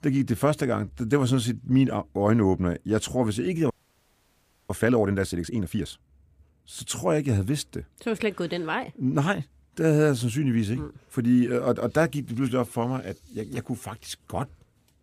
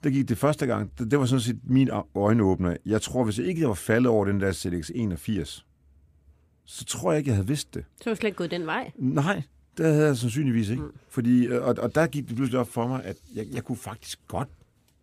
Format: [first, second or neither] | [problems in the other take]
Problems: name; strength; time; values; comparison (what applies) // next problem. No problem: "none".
second | audio freezing; at 3.5 s for 1 s